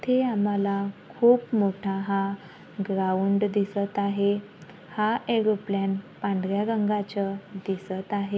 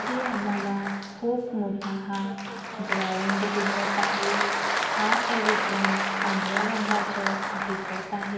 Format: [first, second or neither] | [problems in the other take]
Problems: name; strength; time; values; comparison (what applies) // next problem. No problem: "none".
first | background sound (Applause); 1 dB above the speech // room echo; dies away in 1.4 s